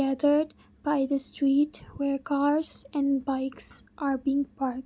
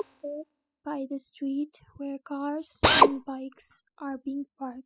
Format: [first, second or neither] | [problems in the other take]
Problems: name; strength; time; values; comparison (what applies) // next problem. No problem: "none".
first | noise reduction (classical method spectral subtraction)